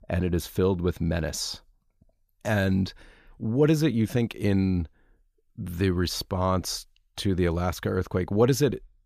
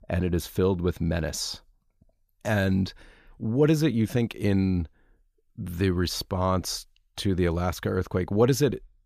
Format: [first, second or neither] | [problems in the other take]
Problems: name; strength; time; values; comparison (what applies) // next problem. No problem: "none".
neither | none